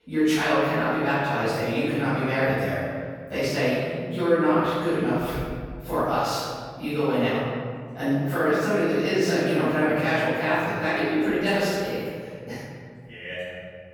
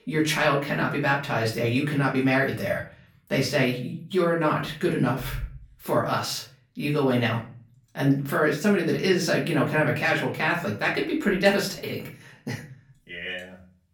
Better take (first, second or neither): second